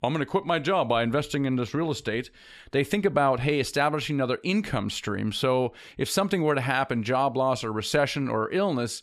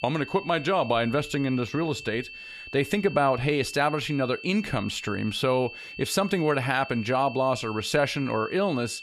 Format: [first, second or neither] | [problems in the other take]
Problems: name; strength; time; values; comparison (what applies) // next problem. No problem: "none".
first | high-pitched whine; noticeable; throughout; 2.5 kHz, 15 dB below the speech